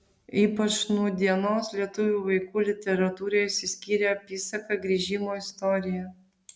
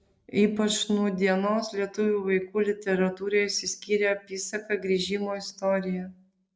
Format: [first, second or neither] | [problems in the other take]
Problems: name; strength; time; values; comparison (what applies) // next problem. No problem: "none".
first | noise reduction (neural mask model Resemble Enhance denoiser)